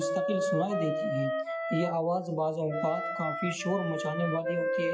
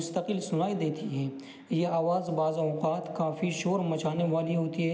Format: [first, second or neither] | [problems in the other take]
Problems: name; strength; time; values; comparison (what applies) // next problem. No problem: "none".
second | noise reduction (classical method Wiener filter)